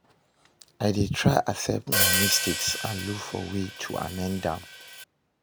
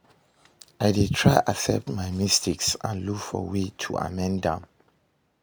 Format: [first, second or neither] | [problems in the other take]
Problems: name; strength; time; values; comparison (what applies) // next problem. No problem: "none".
second | background sound (Hi-hat); as loud as the speech